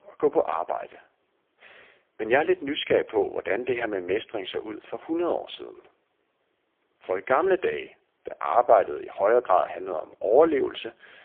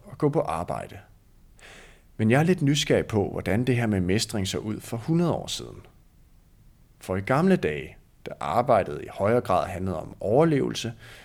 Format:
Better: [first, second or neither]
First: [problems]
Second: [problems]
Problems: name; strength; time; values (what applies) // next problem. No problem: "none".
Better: second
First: phone-call audio; poor line; nothing above 3.5 kHz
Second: none